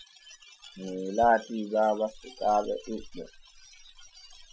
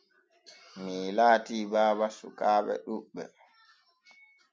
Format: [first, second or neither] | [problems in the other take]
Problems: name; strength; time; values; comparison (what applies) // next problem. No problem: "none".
second | noise reduction (classical method Wiener filter)